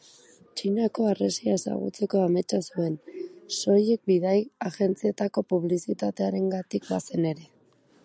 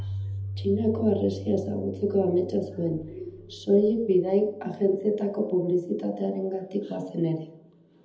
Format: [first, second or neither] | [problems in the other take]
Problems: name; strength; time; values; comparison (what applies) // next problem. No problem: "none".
first | background sound (Keyboard (musical)); 13 dB below the speech // room echo; dies away in 0.9 s